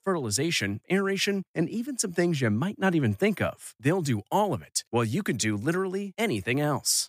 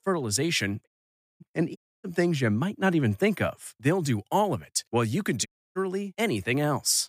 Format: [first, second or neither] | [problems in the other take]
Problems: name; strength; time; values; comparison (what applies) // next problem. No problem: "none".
first | audio cutting out; at 1 s for 0.5 s, at 2 s and at 5.5 s